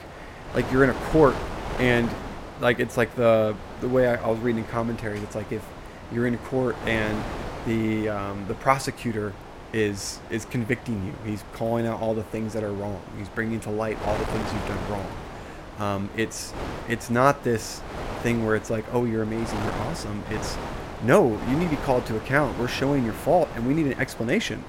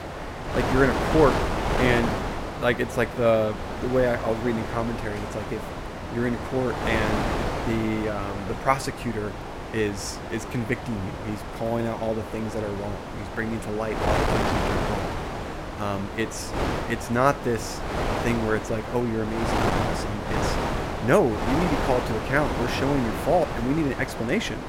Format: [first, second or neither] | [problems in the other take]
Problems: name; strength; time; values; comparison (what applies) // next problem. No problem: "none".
first | wind noise on the microphone; heavy; 2 dB below the speech; occasional gusts in the first